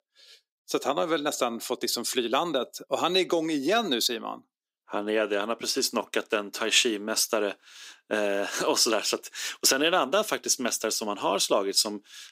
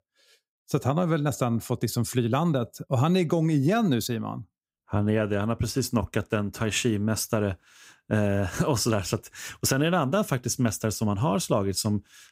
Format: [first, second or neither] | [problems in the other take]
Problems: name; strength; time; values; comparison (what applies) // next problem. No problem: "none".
second | thin; somewhat; fading below 300 Hz